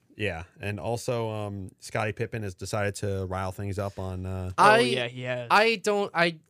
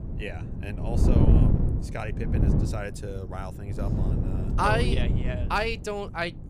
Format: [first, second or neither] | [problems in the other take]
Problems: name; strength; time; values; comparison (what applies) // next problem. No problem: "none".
first | wind noise on the microphone; heavy; 5 dB below the speech